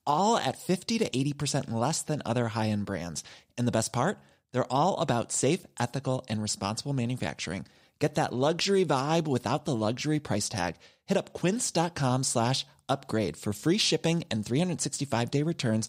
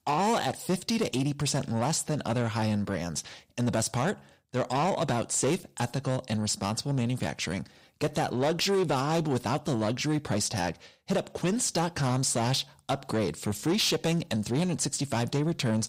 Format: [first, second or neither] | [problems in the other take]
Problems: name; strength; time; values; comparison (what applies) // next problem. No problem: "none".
first | distortion; slight; 10 dB below the speech